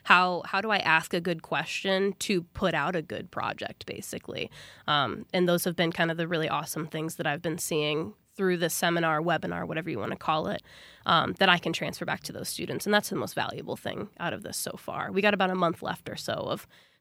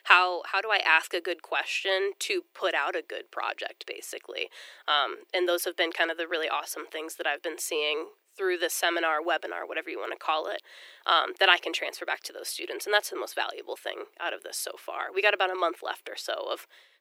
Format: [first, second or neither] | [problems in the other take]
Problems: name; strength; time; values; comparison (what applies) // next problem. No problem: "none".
first | thin; very; fading below 350 Hz